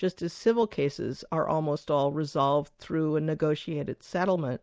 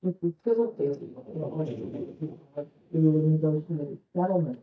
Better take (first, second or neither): first